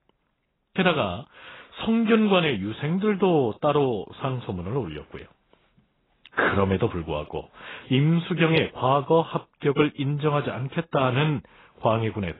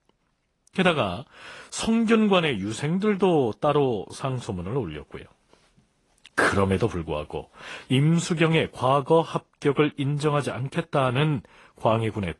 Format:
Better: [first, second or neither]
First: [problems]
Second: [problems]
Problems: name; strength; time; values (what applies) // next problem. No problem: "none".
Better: second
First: garbled, watery; badly; nothing above 3.5 kHz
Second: garbled, watery; slightly; nothing above 10 kHz